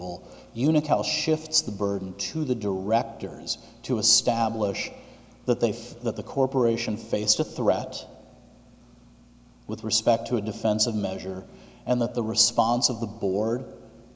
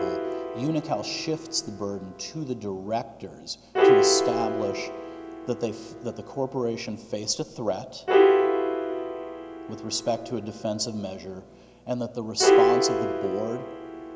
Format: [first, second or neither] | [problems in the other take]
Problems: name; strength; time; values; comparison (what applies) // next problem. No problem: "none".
first | background sound (Piano); 5 dB above the speech